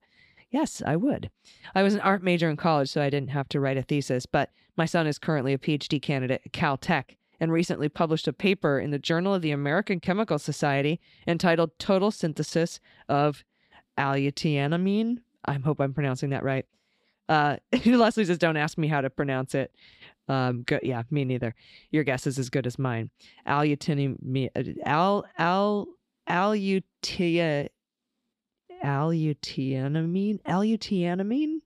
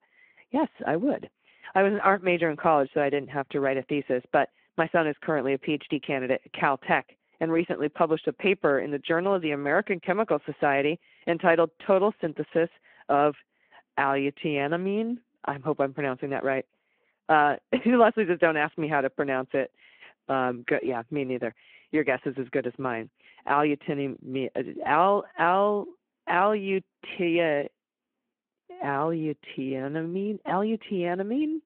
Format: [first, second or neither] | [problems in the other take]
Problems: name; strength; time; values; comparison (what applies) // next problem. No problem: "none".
first | phone-call audio